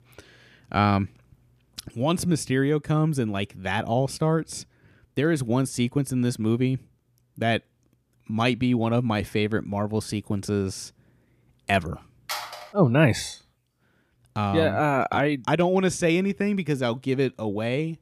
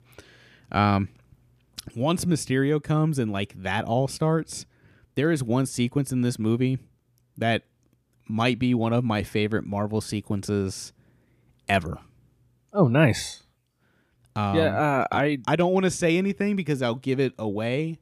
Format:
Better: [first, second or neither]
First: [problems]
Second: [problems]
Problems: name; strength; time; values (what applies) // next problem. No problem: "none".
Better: second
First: phone ringing; noticeable; at 12 s; peak 7 dB below the speech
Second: none